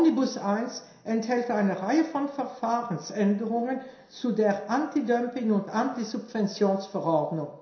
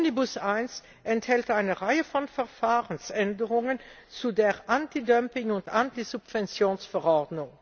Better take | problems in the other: second | room echo; dies away in 0.7 s

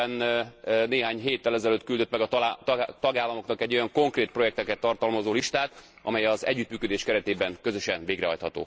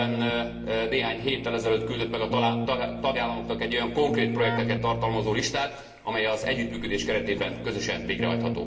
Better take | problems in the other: first | background sound (Keyboard (musical)); 5 dB below the speech // room echo; dies away in 1.5 s

